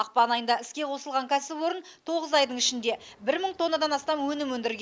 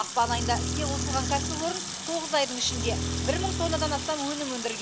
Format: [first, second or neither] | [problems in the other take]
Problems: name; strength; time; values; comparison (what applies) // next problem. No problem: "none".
first | background sound (Sink (filling or washing) / Water tap, faucet + Bowed string instrument); 1 dB below the speech